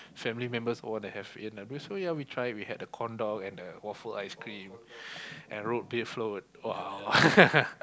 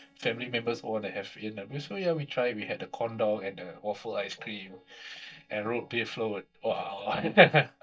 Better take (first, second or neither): first